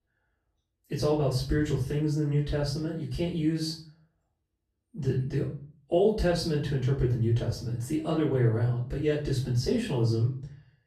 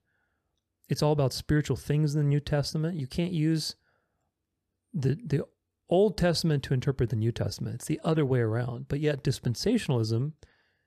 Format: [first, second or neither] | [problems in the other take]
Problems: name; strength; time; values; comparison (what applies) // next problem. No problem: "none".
second | off-mic speech; far // room echo; slight; dies away in 0.4 s